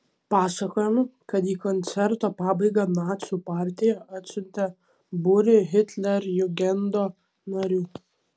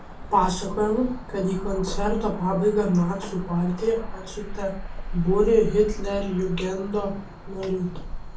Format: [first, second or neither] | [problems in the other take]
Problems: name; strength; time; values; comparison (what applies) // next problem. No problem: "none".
first | background sound (Cricket / Motor vehicle (road)); 7 dB below the speech // room echo; dies away in 0.3 s